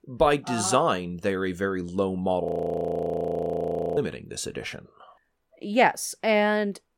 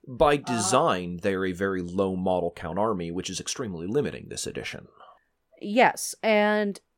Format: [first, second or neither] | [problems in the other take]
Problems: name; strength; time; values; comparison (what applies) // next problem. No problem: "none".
second | audio freezing; at 2.5 s for 1.5 s